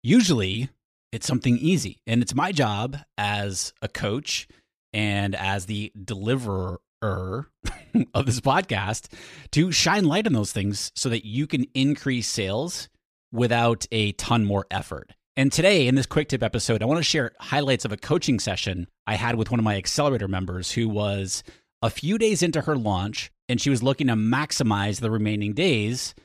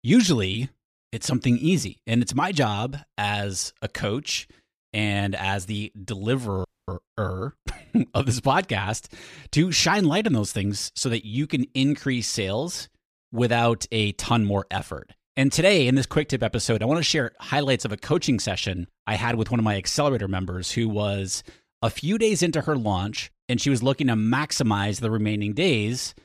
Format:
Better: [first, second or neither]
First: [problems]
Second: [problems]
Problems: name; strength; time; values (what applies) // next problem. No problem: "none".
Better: first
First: none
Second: audio freezing; at 6.5 s